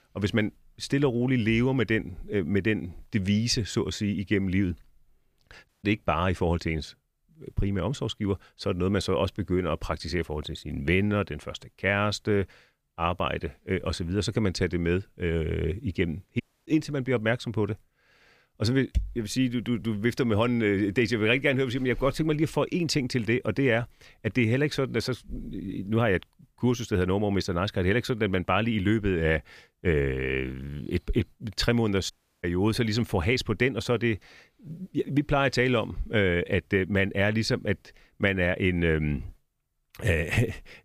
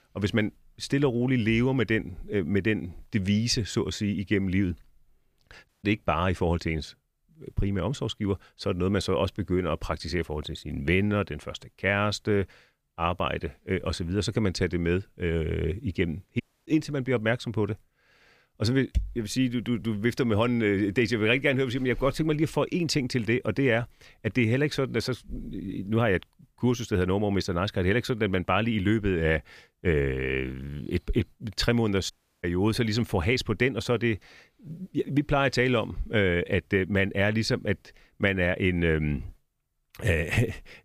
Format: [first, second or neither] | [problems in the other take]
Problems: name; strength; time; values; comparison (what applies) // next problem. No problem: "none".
neither | audio cutting out; at 5.5 s, at 16 s and at 32 s; the same in both